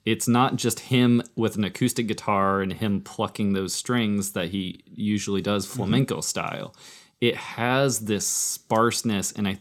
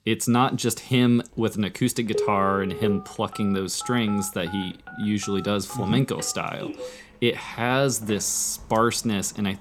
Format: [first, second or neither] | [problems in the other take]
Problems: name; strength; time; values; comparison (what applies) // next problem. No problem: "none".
first | phone ringing; noticeable; from 2 to 8.5 s; peak 4 dB below the speech